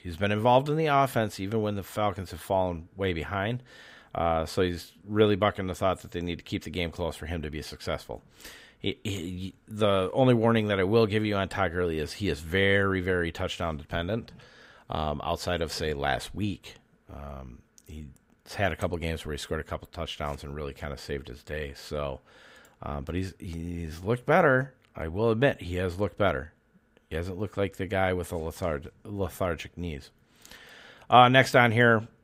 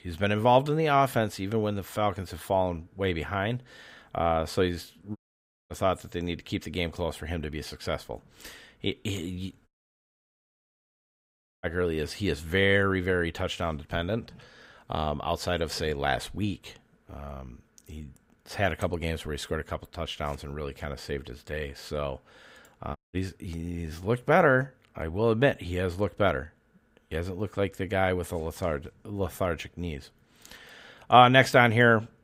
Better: first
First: none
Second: audio cutting out; at 5 s for 0.5 s, at 9.5 s for 2 s and at 23 s

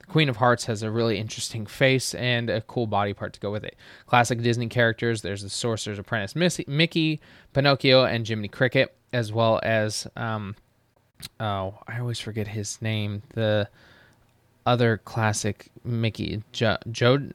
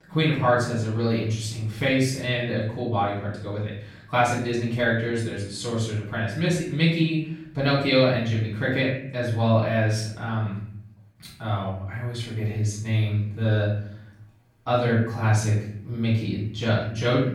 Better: first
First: none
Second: room echo; noticeable; dies away in 0.8 s // off-mic speech; far

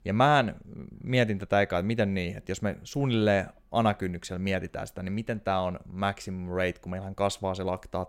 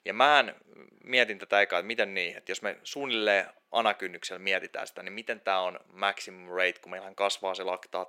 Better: first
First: none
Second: thin; very; fading below 350 Hz

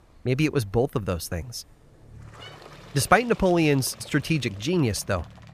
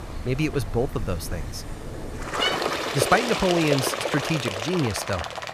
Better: first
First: animal sounds; faint; throughout; 25 dB below the speech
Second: animal sounds; loud; throughout; 2 dB below the speech

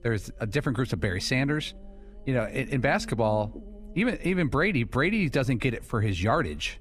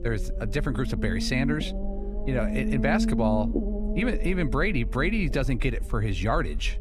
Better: first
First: low rumble; faint; throughout; 25 dB below the speech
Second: low rumble; loud; throughout; 7 dB below the speech

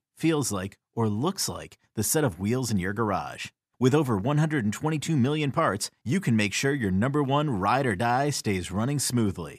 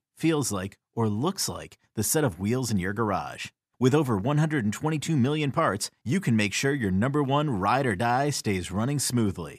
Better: neither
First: none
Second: none

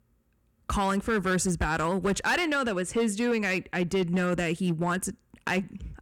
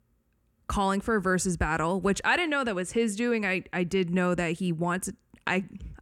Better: second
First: distortion; slight; 7% of the sound clipped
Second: none

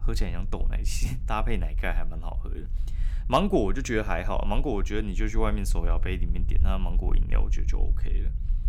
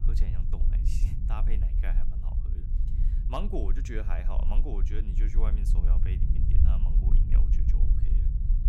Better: first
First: low rumble; faint; throughout; 20 dB below the speech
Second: low rumble; loud; throughout; 5 dB below the speech

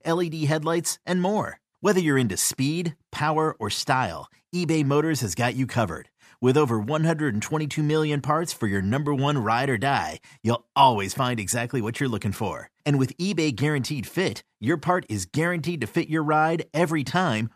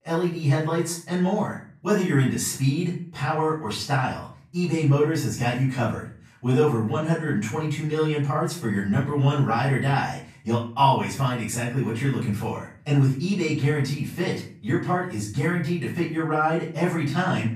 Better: first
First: none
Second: off-mic speech; far // room echo; noticeable; dies away in 0.4 s

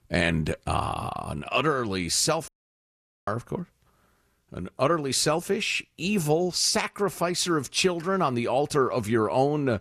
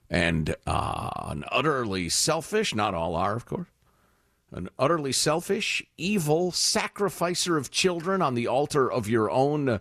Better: second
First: audio cutting out; at 2.5 s for 1 s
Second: none

